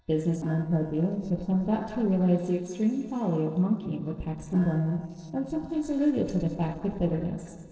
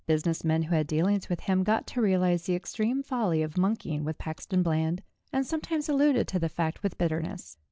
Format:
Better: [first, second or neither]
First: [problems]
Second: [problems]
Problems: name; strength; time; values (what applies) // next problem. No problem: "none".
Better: second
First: noise reduction (neural separator model SepFormer DNS4)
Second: none